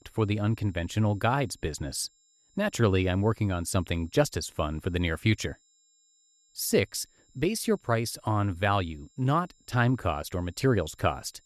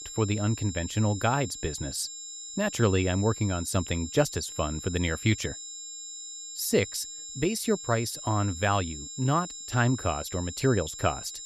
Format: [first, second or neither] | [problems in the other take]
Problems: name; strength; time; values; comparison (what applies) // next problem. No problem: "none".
first | high-pitched whine; loud; throughout; 7.5 kHz, 9 dB below the speech; faint in the first